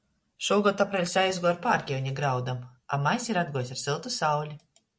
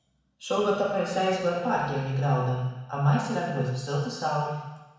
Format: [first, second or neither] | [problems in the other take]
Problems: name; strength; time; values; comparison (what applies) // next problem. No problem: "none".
first | room echo; dies away in 1.1 s